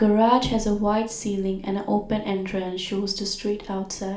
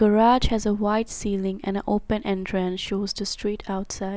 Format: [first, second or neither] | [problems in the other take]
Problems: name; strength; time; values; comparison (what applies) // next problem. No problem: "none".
second | room echo; dies away in 0.4 s